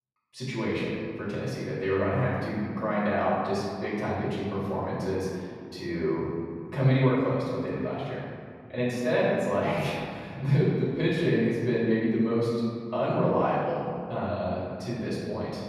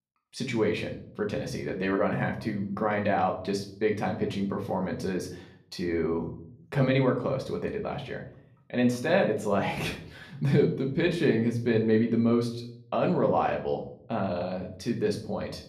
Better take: second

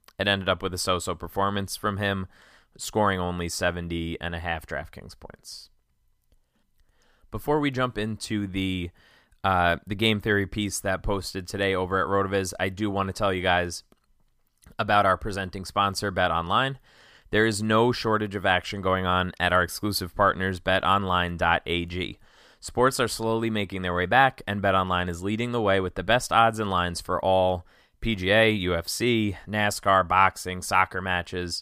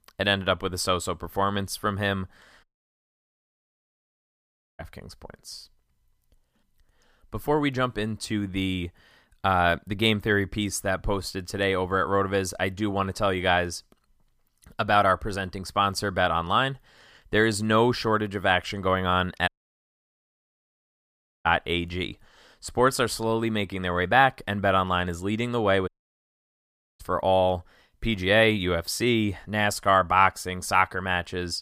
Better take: first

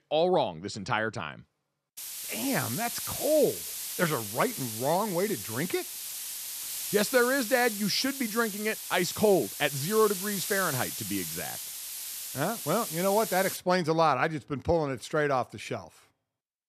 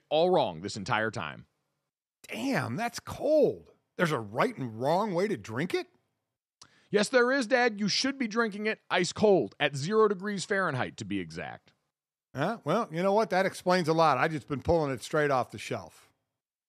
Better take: second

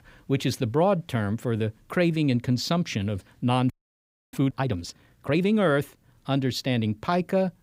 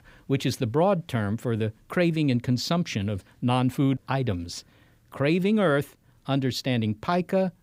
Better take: second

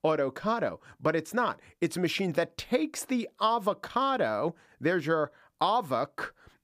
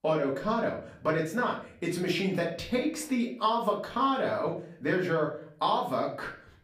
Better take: first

